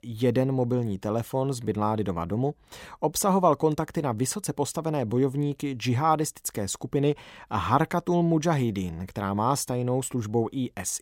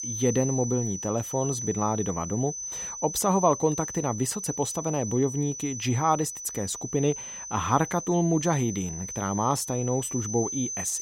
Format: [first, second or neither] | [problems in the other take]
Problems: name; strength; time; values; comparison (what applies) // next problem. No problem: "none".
first | high-pitched whine; loud; throughout; 6 kHz, 6 dB below the speech